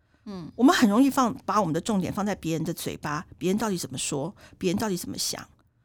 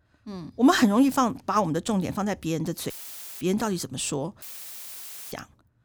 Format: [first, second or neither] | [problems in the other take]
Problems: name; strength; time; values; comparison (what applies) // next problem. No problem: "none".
first | audio cutting out; filled with static; at 3 s for 0.5 s and at 4.5 s for 1 s